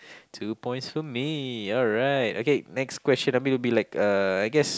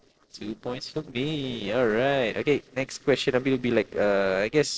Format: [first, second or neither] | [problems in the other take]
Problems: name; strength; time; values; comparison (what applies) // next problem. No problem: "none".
first | noise reduction (neural separator model SepFormer DNS4)